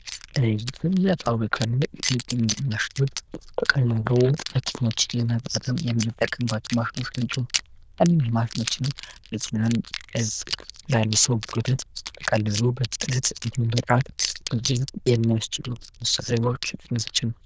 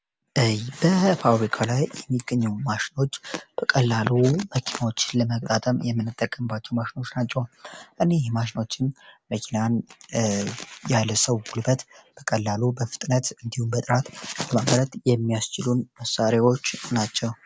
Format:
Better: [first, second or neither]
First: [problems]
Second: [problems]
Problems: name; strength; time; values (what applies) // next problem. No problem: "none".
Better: second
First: noise reduction (neural diffusion model UNIVERSE++)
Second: none